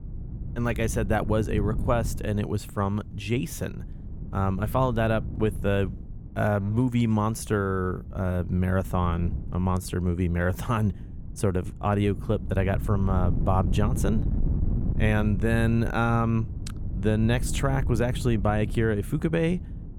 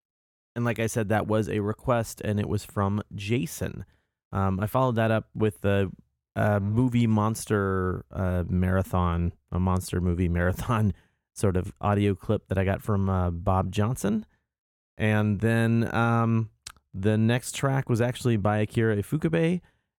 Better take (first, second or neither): second